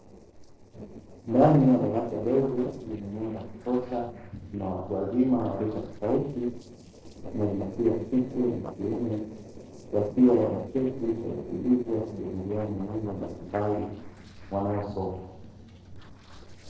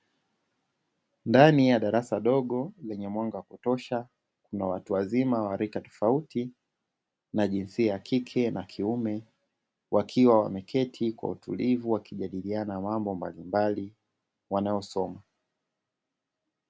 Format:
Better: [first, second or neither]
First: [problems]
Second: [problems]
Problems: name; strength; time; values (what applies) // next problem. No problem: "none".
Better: second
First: noise reduction (neural separator model SepFormer DNS4)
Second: none